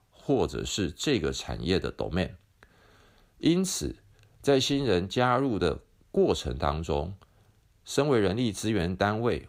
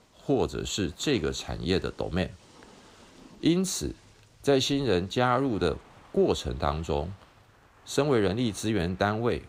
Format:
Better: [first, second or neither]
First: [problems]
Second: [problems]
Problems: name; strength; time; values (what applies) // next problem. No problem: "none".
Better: first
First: none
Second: rain or running water; faint; throughout; 25 dB below the speech